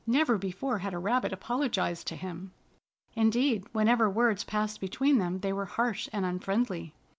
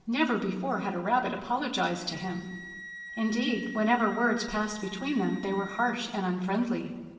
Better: first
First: none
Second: background sound (Wind instrument, woodwind instrument); 17 dB below the speech // room echo; dies away in 1.2 s

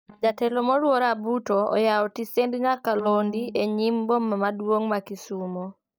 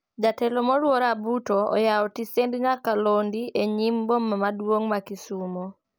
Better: second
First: noise reduction (neural mask model DeepFilterNet 3)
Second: none

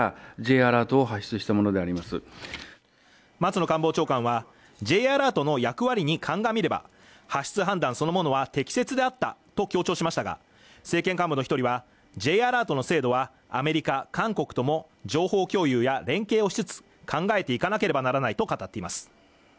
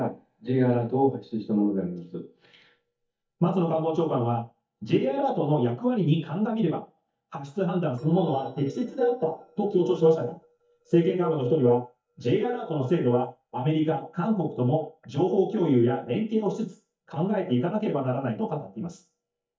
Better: first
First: none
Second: noise reduction (neural mask model DeepFilterNet 3)

